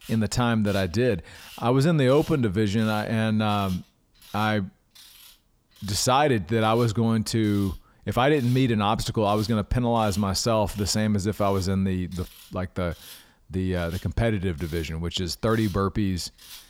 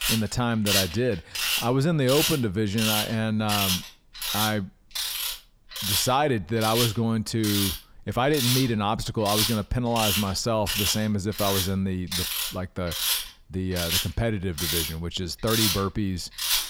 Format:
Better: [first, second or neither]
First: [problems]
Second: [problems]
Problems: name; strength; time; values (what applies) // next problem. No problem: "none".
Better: first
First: machinery noise; faint; throughout; 20 dB below the speech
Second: machinery noise; loud; throughout; as loud as the speech